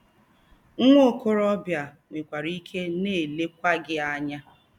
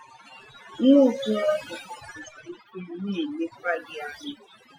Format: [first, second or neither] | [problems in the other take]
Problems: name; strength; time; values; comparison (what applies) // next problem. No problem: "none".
first | noise reduction (classical method Wiener filter)